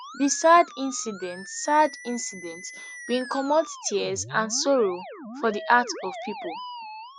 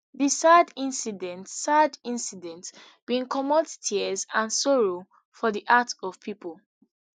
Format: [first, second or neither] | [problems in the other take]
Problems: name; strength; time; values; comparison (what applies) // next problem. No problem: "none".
second | noise reduction (classical method Wiener filter)